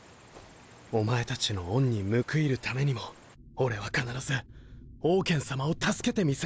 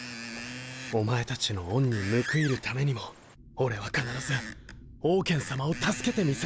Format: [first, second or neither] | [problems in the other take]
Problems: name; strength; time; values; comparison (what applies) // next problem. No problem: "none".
first | background sound (Screech); 12 dB below the speech